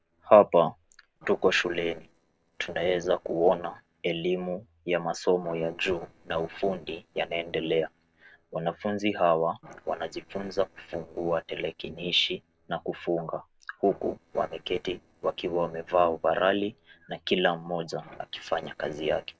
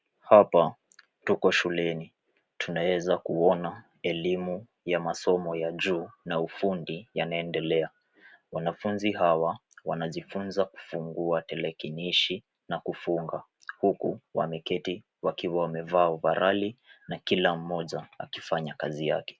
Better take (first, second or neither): second